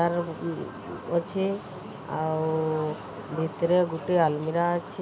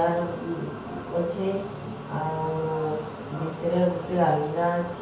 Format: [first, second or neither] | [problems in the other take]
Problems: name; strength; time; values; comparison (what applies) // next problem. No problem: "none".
first | background sound (Fixed-wing aircraft, airplane); 19 dB below the speech // room echo; dies away in 0.5 s